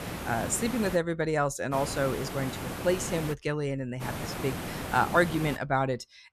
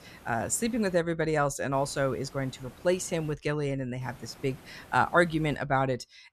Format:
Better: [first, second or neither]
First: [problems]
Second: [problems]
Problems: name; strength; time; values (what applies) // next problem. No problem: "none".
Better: second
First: hiss; loud; at the start, from 1.5 to 3.5 s and from 4 to 5.5 s; 7 dB below the speech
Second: hiss; faint; at the start, from 1.5 to 3.5 s and from 4 to 5.5 s; 25 dB below the speech